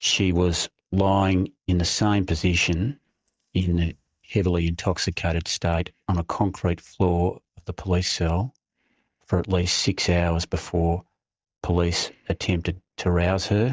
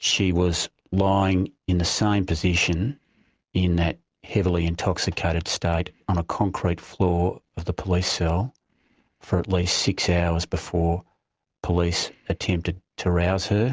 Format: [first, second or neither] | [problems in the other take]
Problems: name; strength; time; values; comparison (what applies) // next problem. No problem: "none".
second | noise reduction (neural mask model DeepFilterNet 3)